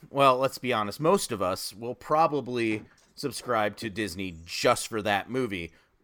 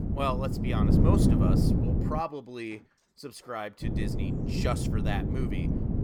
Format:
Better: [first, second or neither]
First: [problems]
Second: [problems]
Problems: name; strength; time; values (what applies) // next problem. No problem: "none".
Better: first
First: none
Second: wind noise on the microphone; heavy; until 2 s and from 4 s on; as loud as the speech